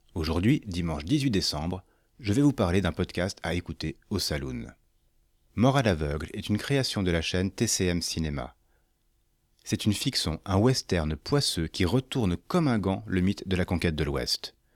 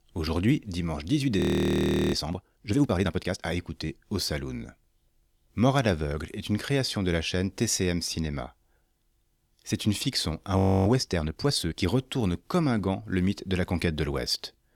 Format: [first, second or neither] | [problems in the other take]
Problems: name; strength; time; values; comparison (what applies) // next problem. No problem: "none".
first | audio freezing; at 1.5 s for 0.5 s and at 11 s